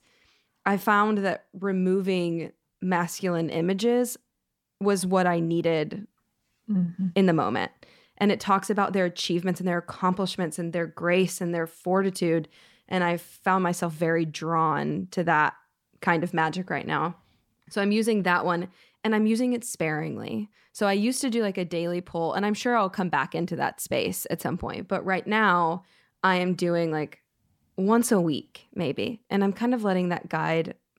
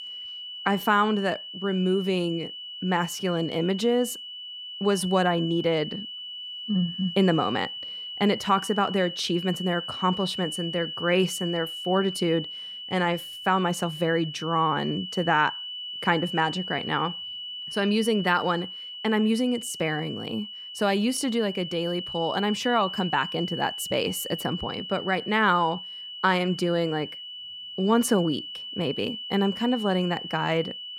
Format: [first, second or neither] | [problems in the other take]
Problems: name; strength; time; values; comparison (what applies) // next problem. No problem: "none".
first | high-pitched whine; loud; throughout; 3 kHz, 8 dB below the speech